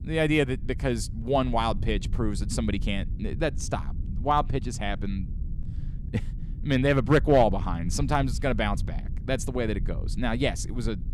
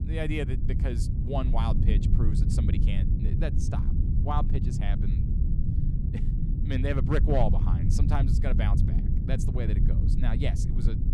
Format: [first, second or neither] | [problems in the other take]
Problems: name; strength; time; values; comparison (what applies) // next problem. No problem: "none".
first | low rumble; loud; throughout; 5 dB below the speech; faint in the first